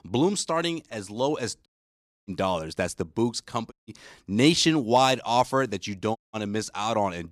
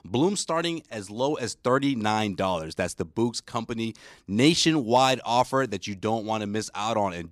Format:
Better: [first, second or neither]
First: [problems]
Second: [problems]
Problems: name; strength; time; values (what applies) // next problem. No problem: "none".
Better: second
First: audio cutting out; at 1.5 s for 0.5 s, at 3.5 s and at 6 s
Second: none